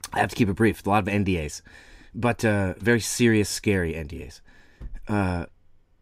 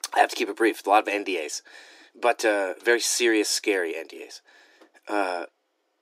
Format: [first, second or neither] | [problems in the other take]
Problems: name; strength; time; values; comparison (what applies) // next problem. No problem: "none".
first | thin; very; fading below 300 Hz